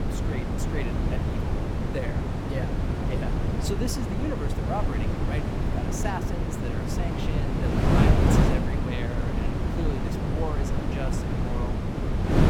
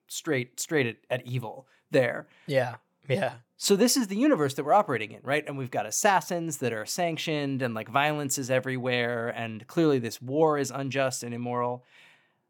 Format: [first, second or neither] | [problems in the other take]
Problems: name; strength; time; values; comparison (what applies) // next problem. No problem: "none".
second | wind noise on the microphone; heavy; 4 dB above the speech